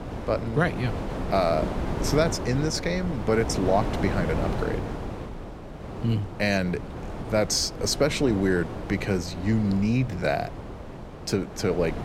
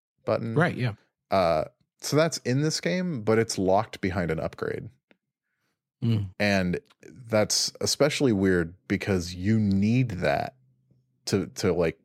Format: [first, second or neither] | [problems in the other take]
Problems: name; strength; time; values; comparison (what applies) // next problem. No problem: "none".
second | wind noise on the microphone; heavy; 9 dB below the speech